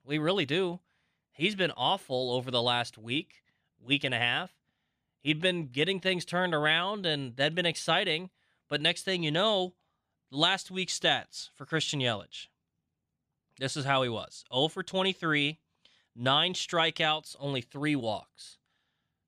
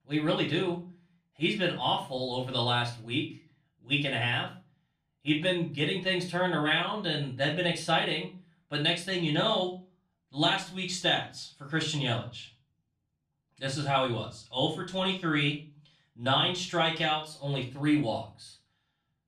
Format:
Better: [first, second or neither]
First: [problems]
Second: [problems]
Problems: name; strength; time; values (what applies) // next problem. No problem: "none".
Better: first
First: none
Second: off-mic speech; far // room echo; slight; dies away in 0.3 s